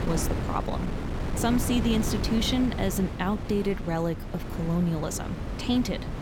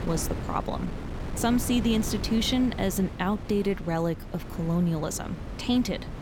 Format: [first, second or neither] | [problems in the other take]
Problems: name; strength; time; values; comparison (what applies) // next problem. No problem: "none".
second | wind noise on the microphone; heavy; 6 dB below the speech; occasional gusts in the second